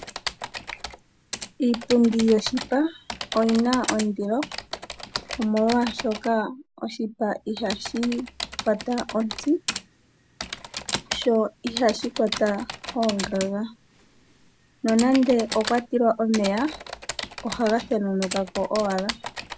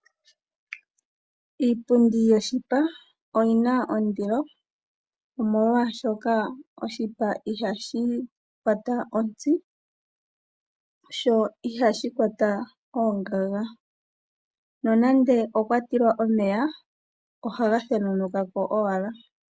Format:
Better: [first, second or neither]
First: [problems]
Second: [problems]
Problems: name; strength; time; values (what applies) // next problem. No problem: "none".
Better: second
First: background sound (Typing); 10 dB below the speech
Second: none